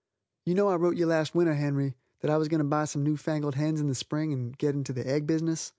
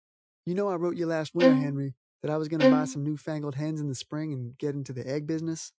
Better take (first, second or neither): first